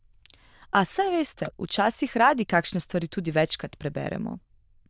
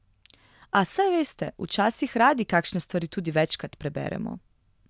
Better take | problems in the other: second | noise reduction (neural diffusion model UNIVERSE++)

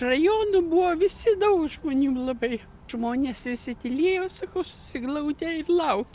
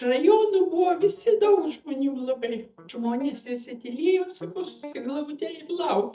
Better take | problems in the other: first | noise reduction (neural mask model DeepFilterNet 3)

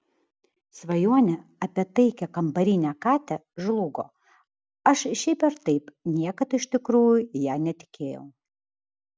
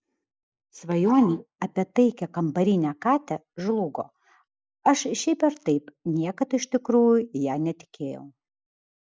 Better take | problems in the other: first | noise reduction (neural mask model Resemble Enhance denoiser)

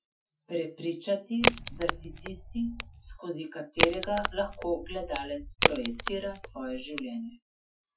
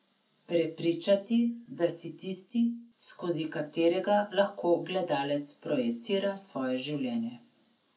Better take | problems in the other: second | noise reduction (classical method Wiener filter)

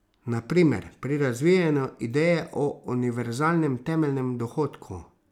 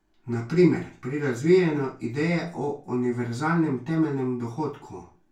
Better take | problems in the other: first | room echo; dies away in 0.2 s

